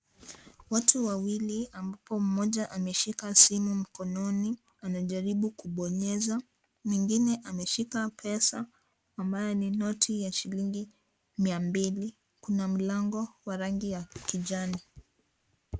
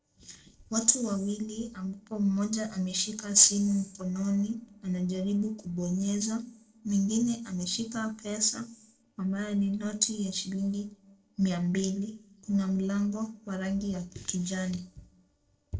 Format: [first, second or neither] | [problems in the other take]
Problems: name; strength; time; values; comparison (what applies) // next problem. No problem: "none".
first | noise reduction (neural separator model SepFormer DNS4)